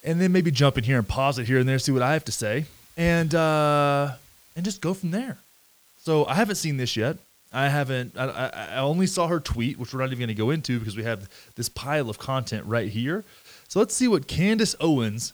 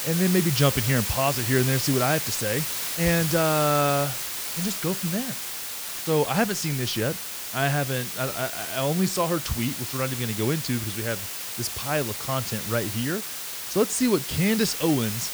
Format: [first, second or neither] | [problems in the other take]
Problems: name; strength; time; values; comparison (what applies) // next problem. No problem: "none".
first | hiss; loud; throughout; 3 dB below the speech; faint in the first